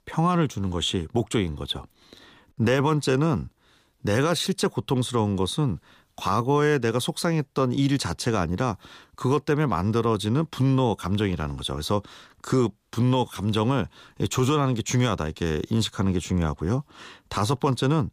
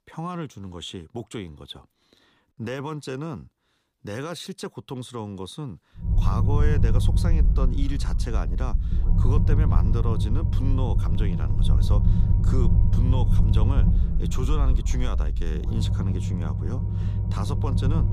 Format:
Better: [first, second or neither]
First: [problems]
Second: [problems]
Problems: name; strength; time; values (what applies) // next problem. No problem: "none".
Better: first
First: none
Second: low rumble; loud; from 6 s on; 2 dB below the speech